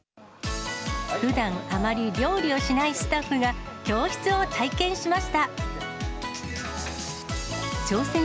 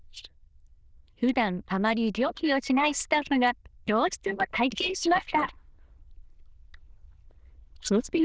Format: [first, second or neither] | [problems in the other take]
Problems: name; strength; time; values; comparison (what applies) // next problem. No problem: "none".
first | noise reduction (neural diffusion model UNIVERSE++)